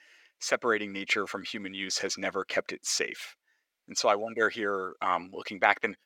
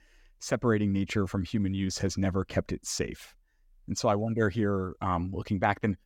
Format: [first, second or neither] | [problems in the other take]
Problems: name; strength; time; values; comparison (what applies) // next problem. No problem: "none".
second | thin; very; fading below 500 Hz